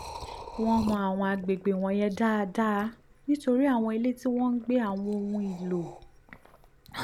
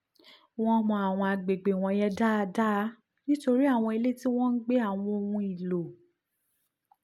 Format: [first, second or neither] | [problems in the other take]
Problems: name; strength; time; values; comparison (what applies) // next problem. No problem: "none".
second | background sound (Liquid); 17 dB below the speech